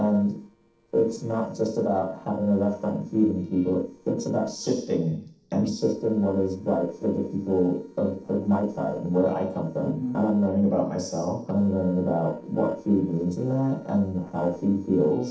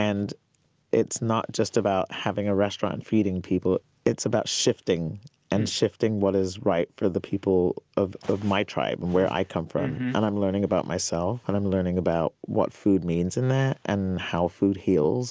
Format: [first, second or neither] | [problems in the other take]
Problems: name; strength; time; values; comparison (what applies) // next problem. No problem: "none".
second | noise reduction (neural separator model SepFormer DNS4)